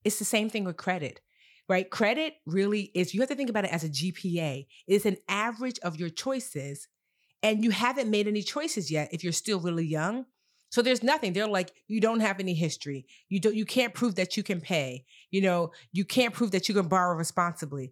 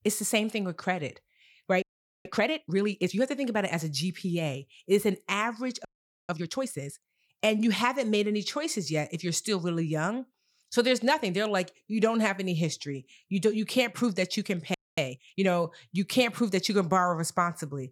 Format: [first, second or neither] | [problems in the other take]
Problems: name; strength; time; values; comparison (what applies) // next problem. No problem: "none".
first | audio freezing; at 2 s, at 6 s and at 15 s